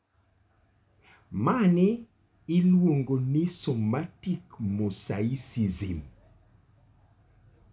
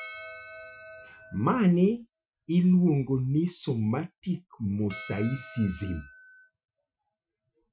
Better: first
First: none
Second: noise reduction (classical method Wiener filter)

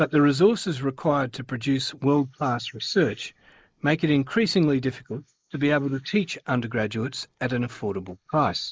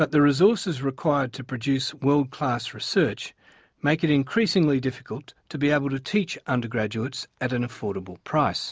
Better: second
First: noise reduction (neural mask model Resemble Enhance denoiser)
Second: none

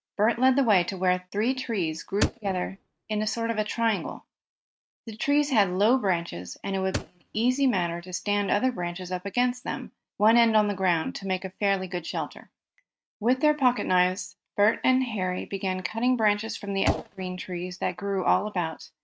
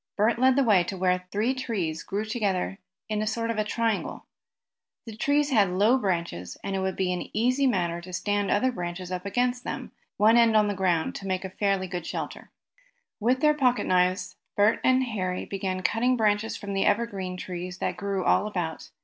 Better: second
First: noise reduction (neural mask model RNNoise)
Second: none

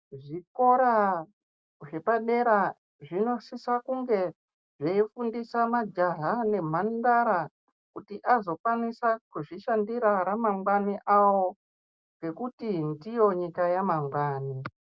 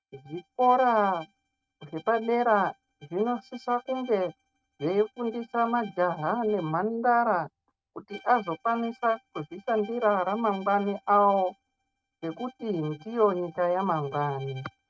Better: first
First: none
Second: noise reduction (neural mask model RNNoise)

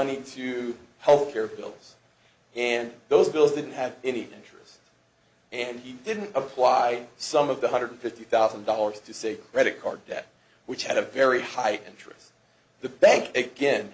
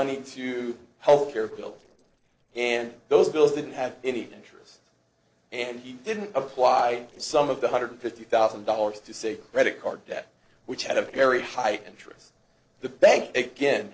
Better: first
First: none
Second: noise reduction (neural separator model SepFormer DNS4)

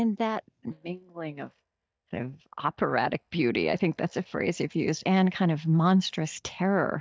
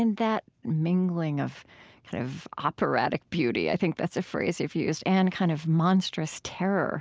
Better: second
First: noise reduction (neural mask model DeepFilterNet 3)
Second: none

